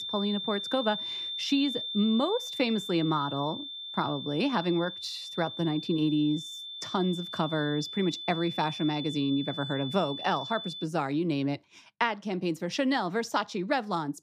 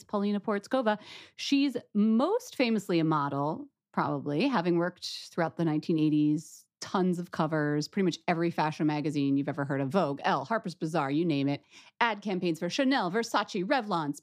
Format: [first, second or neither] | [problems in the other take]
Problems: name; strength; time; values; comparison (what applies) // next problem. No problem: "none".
second | high-pitched whine; loud; until 11 s; 3.5 kHz, 6 dB below the speech